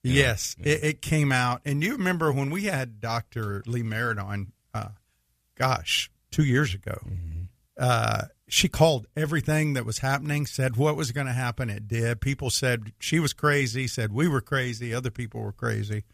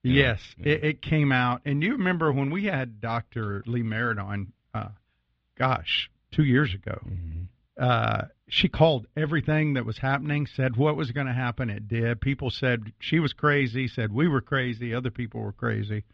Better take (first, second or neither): first